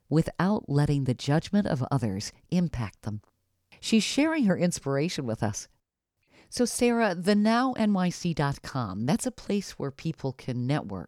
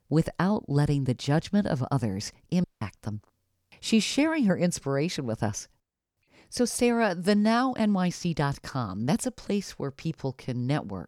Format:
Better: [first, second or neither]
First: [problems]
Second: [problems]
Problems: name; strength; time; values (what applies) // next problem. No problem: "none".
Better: first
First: none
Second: audio cutting out; at 2.5 s